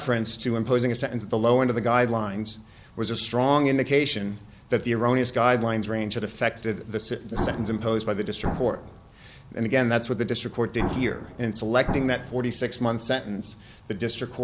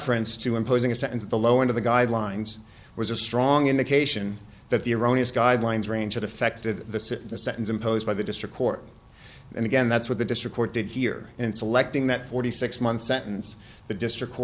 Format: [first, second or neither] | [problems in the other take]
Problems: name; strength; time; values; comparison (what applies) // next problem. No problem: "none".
second | background sound (Explosion); 7 dB below the speech